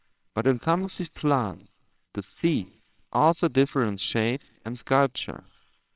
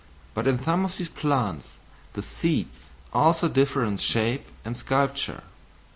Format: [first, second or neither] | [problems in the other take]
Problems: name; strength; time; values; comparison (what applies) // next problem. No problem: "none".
second | noise reduction (neural separator model SepFormer WHAMR!)